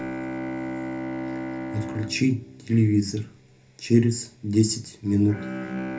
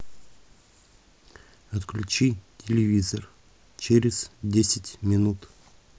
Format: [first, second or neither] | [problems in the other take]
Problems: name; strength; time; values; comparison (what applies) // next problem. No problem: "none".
second | background sound (Bowed string instrument); 9 dB below the speech // room echo; dies away in 0.3 s